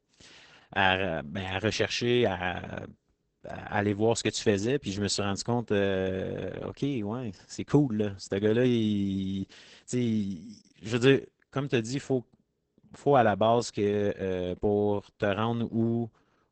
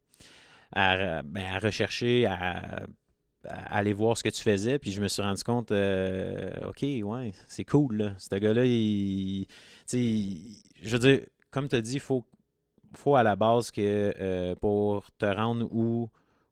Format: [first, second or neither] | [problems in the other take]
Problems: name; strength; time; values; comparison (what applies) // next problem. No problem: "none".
second | garbled, watery; badly; nothing above 8 kHz; slightly in the second